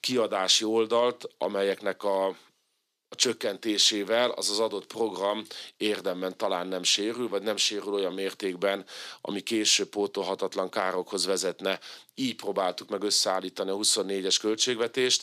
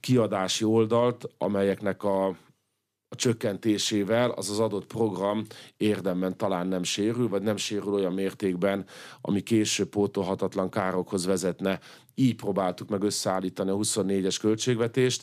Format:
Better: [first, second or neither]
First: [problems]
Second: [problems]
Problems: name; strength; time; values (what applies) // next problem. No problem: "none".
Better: second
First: thin; somewhat; fading below 350 Hz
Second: none